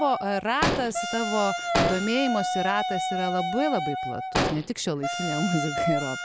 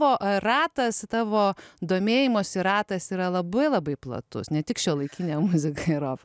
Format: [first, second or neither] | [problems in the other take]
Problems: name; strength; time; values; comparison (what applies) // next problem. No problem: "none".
second | background sound (Wind instrument, woodwind instrument + Explosion); 1 dB below the speech